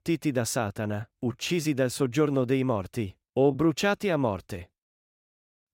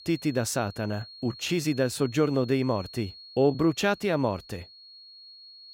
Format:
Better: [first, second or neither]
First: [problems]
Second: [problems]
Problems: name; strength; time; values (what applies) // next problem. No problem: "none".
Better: first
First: none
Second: high-pitched whine; noticeable; throughout; 4.5 kHz, 20 dB below the speech